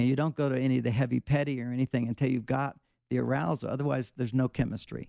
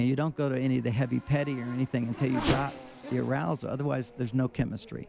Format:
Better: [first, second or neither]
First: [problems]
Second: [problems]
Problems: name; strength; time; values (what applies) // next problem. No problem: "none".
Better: first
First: none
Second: background sound (Race car, auto racing / Accelerating, revving, vroom); 10 dB below the speech